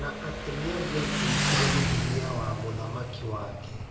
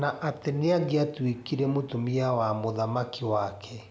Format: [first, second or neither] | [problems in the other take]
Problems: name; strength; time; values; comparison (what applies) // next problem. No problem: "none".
second | background sound (Motorcycle); 5 dB above the speech // room echo; dies away in 0.6 s